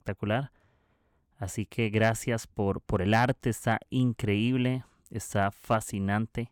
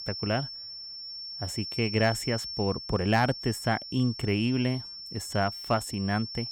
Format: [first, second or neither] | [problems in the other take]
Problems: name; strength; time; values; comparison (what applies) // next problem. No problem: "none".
first | high-pitched whine; loud; throughout; 5.5 kHz, 8 dB below the speech